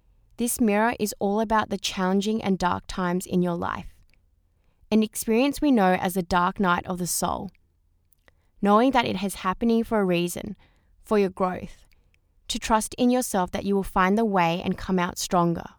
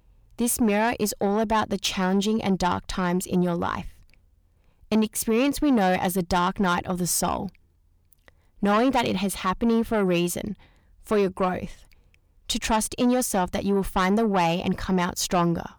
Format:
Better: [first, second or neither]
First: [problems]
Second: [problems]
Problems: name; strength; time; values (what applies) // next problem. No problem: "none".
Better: first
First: none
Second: distortion; slight; 10 dB below the speech